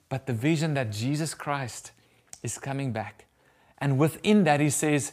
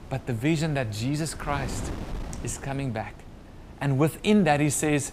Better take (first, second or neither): first